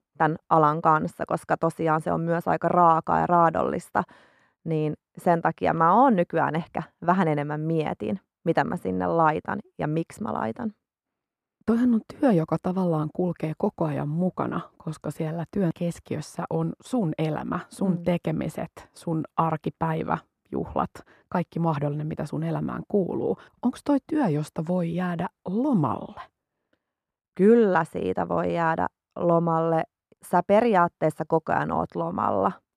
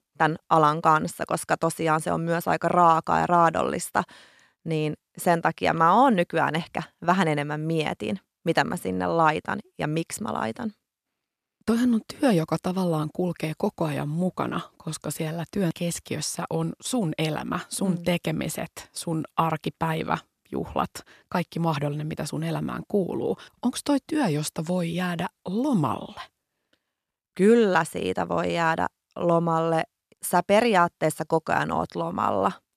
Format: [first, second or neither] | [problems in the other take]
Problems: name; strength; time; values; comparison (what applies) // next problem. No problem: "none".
second | muffled; slightly; fading above 2 kHz